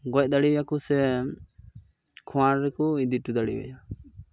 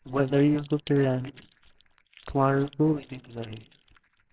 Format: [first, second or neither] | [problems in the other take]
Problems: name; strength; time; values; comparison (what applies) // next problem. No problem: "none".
first | noise reduction (neural separator model SepFormer WHAMR!)